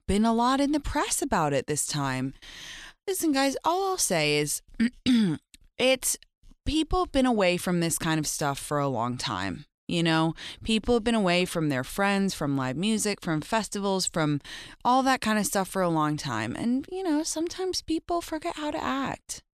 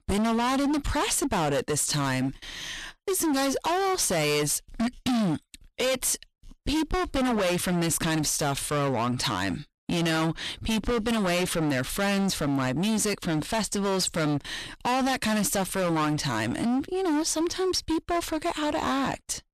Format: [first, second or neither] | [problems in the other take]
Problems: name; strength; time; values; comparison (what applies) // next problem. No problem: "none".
first | distortion; heavy; 28% of the sound clipped